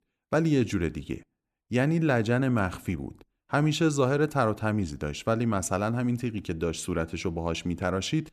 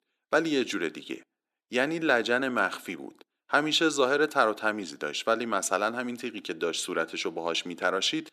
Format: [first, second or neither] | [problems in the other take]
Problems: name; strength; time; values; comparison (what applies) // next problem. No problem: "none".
first | thin; somewhat; fading below 300 Hz